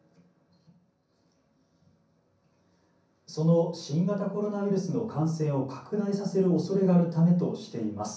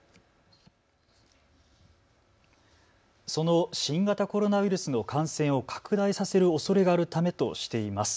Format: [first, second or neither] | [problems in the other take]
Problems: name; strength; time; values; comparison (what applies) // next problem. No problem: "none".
second | room echo; dies away in 0.6 s